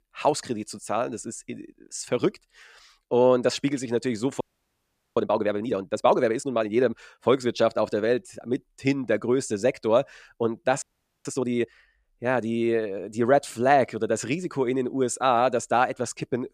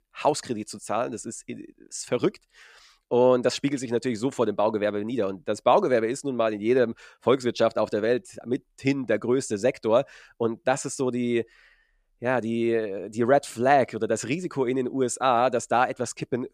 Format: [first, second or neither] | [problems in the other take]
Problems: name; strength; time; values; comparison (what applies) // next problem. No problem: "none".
second | audio freezing; at 4.5 s for 1 s and at 11 s